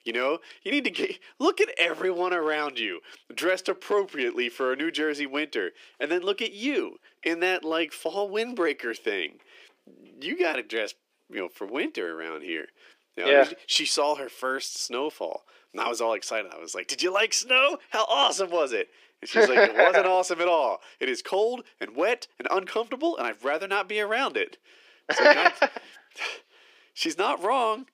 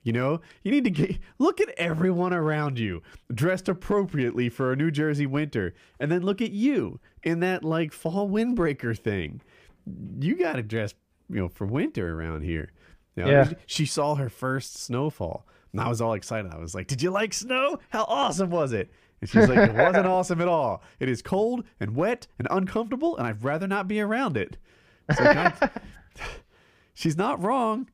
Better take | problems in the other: second | thin; somewhat; fading below 350 Hz

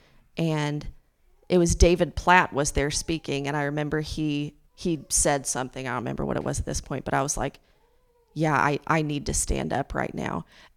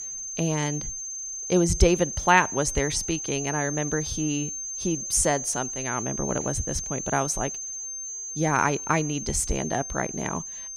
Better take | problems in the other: first | high-pitched whine; loud; throughout; 6.5 kHz, 5 dB below the speech

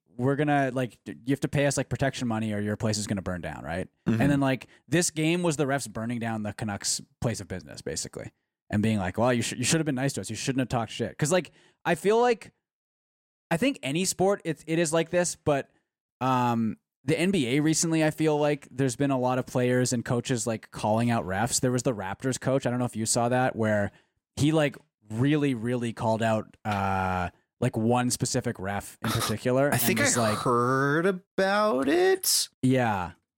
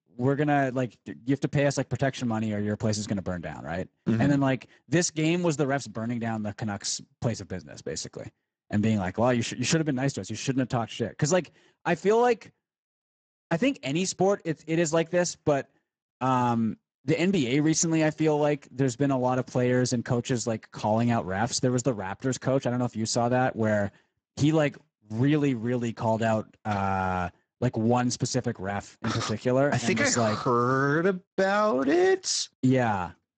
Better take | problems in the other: first | garbled, watery; badly; nothing above 8 kHz

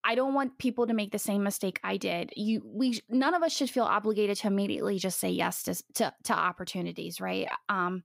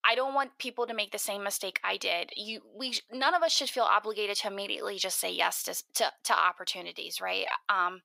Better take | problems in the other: first | thin; very; fading below 700 Hz

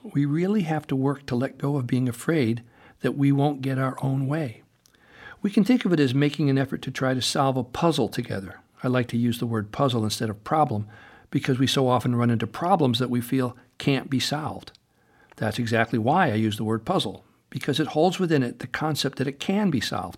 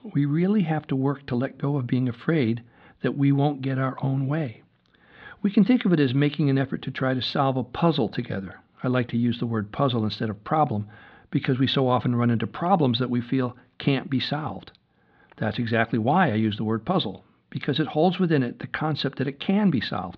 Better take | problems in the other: first | muffled; very slightly; fading above 4 kHz

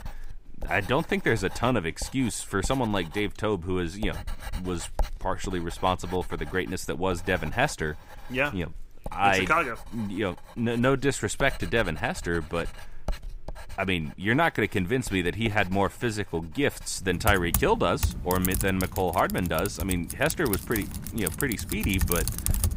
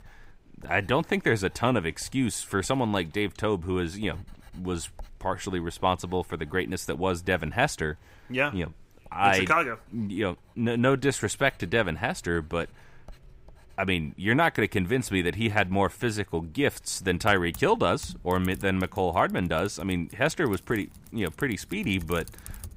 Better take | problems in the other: second | household noises; loud; throughout; 8 dB below the speech; faint in the second

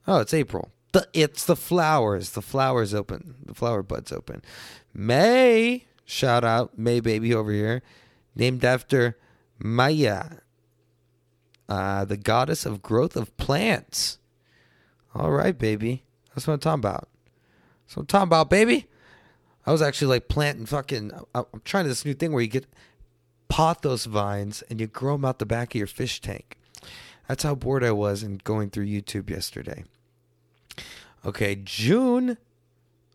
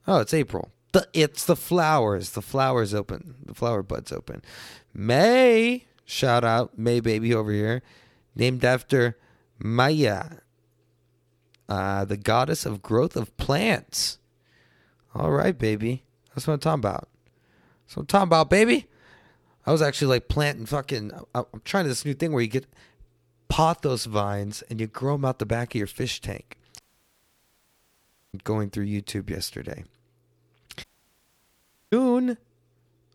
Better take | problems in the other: first | audio cutting out; at 27 s for 1.5 s and at 31 s for 1 s

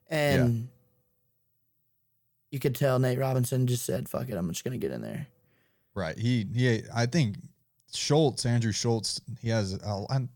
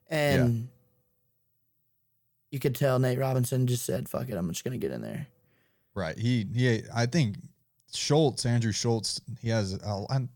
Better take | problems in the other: neither | none

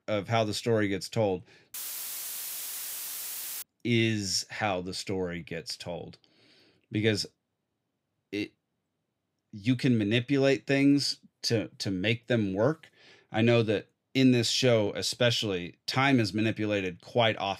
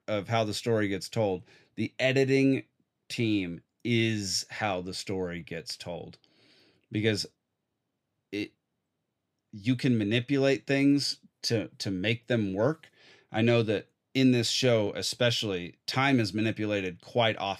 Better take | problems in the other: second | audio cutting out; filled with static; at 1.5 s for 2 s

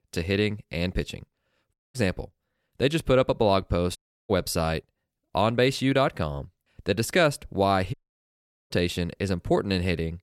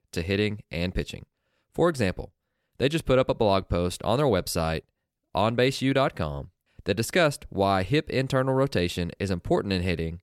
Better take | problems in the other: second | audio cutting out; at 1.5 s, at 4 s and at 8 s for 1 s

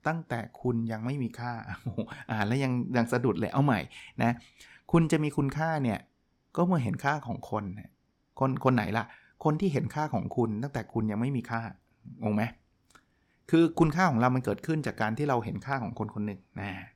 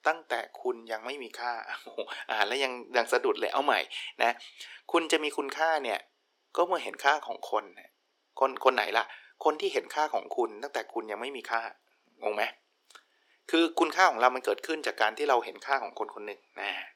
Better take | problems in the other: first | thin; very; fading below 350 Hz

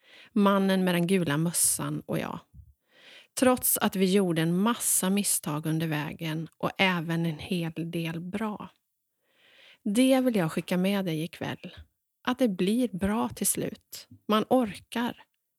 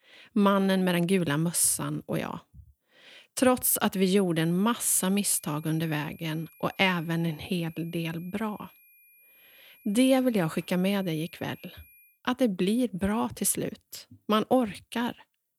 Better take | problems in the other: first | high-pitched whine; faint; from 4.5 to 12 s; 2.5 kHz, 25 dB below the speech

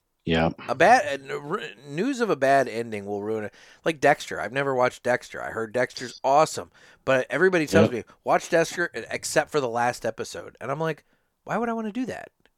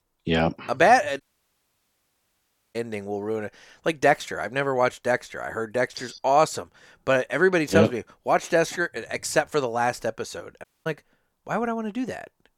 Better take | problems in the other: first | audio cutting out; at 1 s for 1.5 s and at 11 s

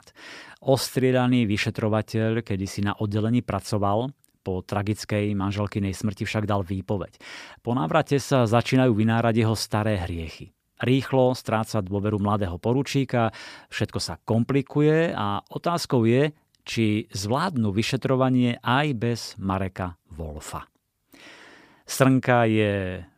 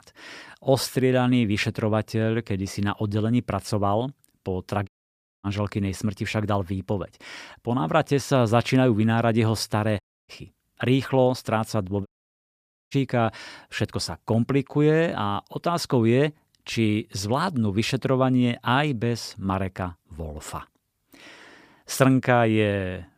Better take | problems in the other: first | audio cutting out; at 5 s for 0.5 s, at 10 s and at 12 s for 1 s

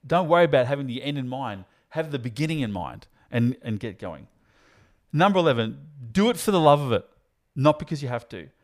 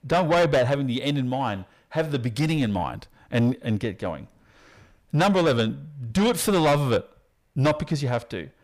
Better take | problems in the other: first | distortion; heavy; 7 dB below the speech

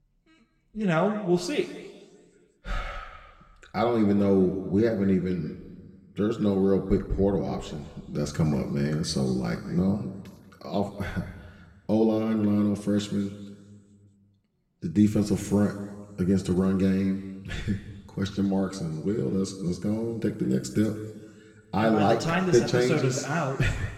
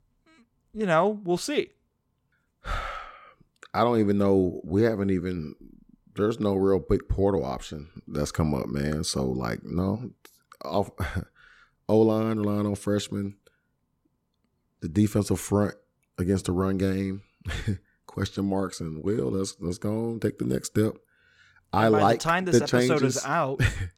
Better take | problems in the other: second | room echo; noticeable; dies away in 1.6 s // off-mic speech; somewhat distant

